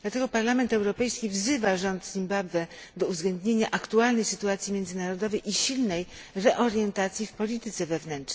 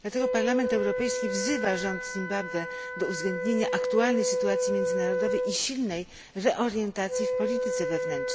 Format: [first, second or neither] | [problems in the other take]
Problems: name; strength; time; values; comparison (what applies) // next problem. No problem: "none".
first | background sound (Wind instrument, woodwind instrument); as loud as the speech